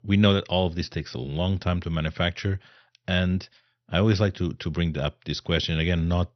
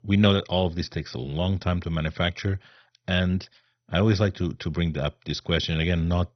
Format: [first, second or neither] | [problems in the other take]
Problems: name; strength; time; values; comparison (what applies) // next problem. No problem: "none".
first | garbled, watery; badly; nothing above 6 kHz; slightly in the first